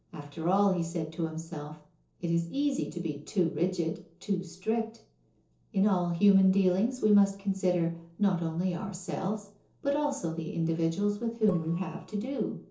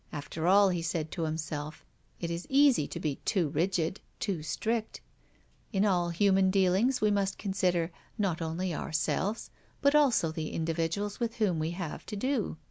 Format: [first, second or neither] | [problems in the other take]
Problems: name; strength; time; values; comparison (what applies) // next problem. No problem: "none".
second | noise reduction (neural separator model SepFormer DNS4)